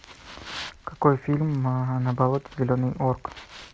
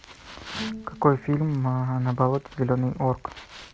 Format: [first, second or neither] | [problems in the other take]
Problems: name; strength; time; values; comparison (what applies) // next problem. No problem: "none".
first | background sound (Bowed string instrument); 17 dB below the speech